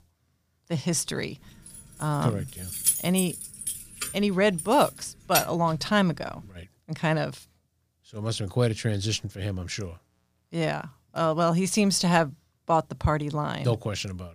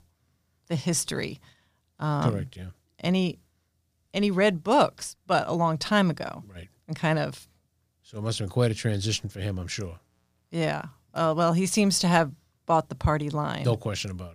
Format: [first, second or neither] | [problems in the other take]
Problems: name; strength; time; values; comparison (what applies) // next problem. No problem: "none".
second | jangling keys; loud; from 2 to 5.5 s; peak 3 dB above the speech